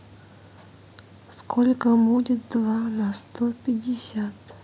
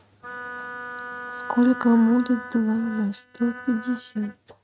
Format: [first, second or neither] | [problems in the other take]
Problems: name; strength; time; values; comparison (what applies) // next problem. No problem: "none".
first | noise reduction (neural mask model RNNoise)